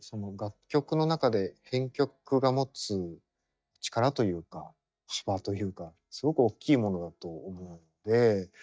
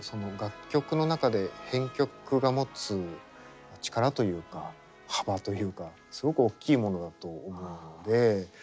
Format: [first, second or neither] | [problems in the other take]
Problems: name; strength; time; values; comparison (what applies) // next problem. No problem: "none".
second | noise reduction (neural mask model DeepFilterNet 3)